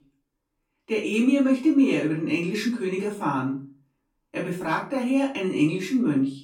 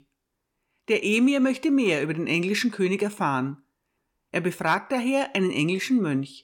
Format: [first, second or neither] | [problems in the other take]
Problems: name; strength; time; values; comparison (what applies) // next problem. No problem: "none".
second | off-mic speech; far // room echo; slight; dies away in 0.3 s